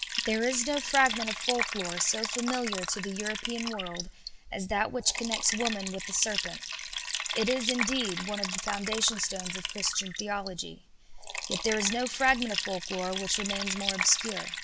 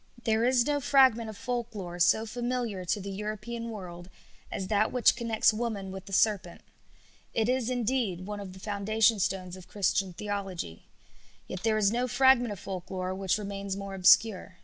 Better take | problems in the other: second | background sound (Liquid); 4 dB below the speech

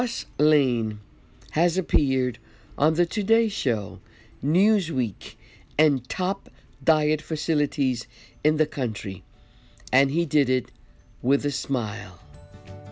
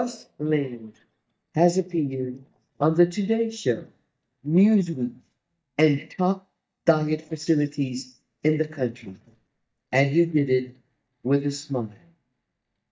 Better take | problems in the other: first | noise reduction (neural mask model DeepFilterNet 3)

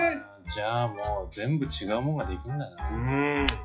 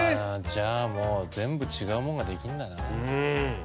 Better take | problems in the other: second | noise reduction (classical method WPE with log-MMSE)

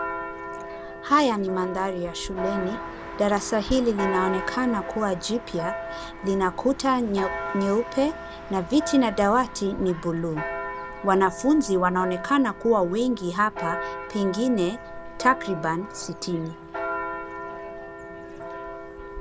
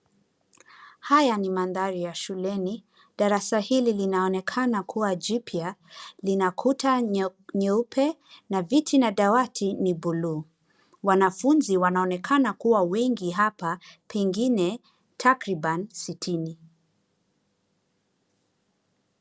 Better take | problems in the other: second | background sound (Church bell); 9 dB below the speech

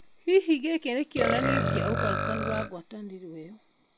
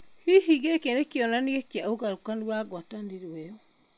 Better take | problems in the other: second | background sound (Burping, eructation); 1 dB below the speech

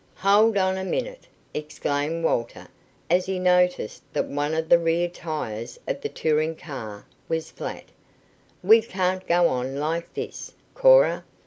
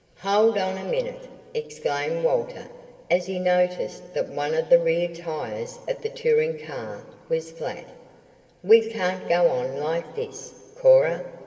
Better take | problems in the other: first | room echo; dies away in 2 s

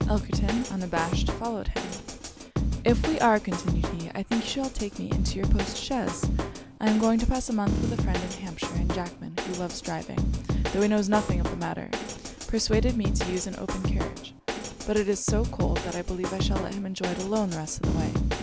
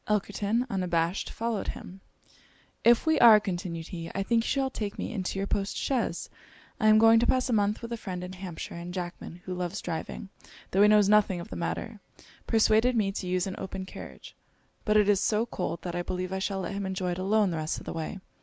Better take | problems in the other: second | background sound (Drum kit); 1 dB below the speech

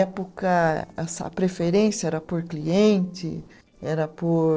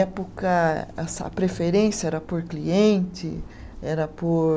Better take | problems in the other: second | noise reduction (neural separator model SepFormer DNS4)

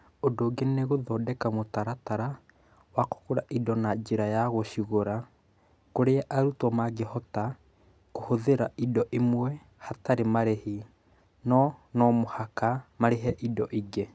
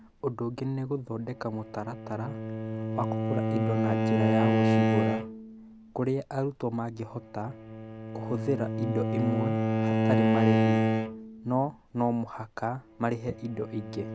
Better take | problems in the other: first | background sound (Bowed string instrument); 3 dB above the speech

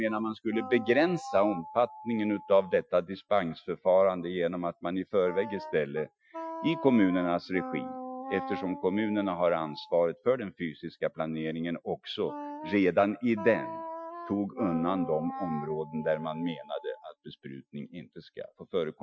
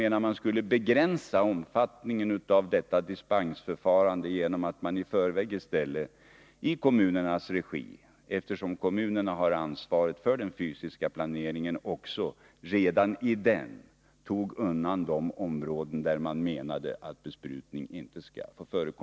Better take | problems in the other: second | noise reduction (classical method Wiener filter)

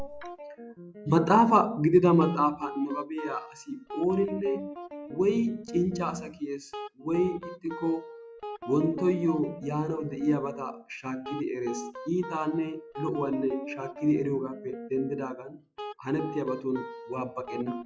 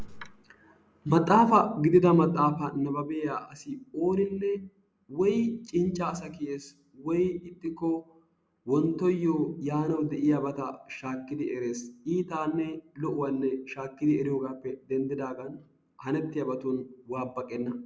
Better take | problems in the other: second | noise reduction (classical method log-MMSE)

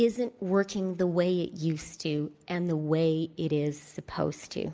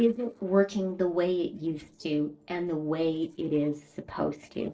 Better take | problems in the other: first | noise reduction (neural separator model SepFormer DNS4)

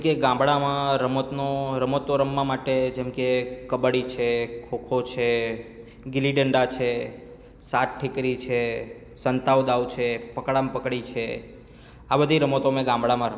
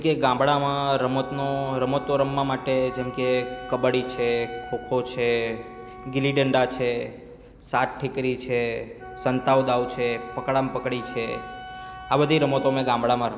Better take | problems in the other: first | background sound (Wind instrument, woodwind instrument); 15 dB below the speech

